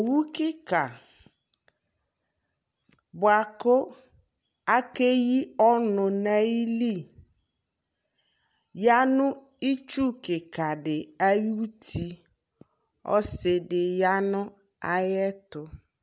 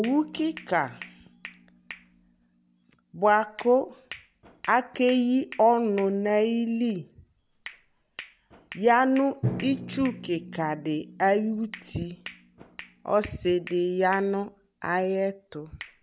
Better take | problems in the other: first | background sound (Drum + Hands); 15 dB below the speech

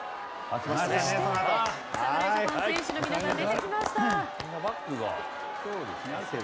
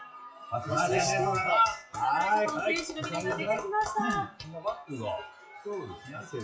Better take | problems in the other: first | noise reduction (classical method WPE with log-MMSE)

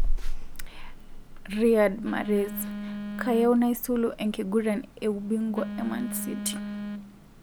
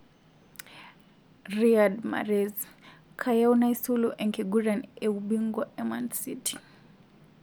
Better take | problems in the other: second | background sound (Telephone); 4 dB below the speech

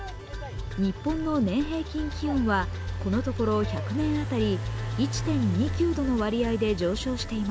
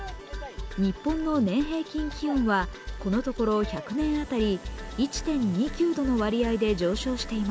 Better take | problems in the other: second | background sound (Engine); 6 dB below the speech

